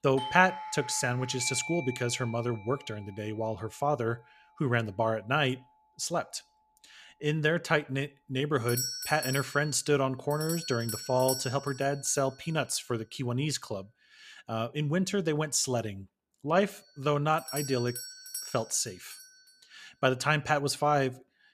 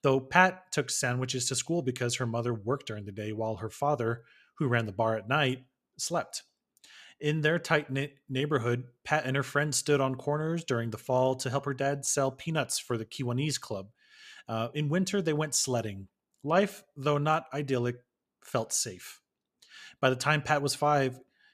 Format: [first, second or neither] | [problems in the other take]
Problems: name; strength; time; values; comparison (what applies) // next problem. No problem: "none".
second | alarms or sirens; loud; throughout; 8 dB below the speech